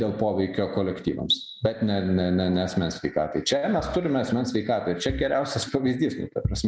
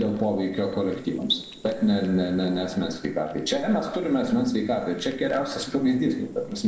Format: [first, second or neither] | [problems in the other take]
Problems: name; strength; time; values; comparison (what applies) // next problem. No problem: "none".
first | noise reduction (neural separator model SepFormer DNS4)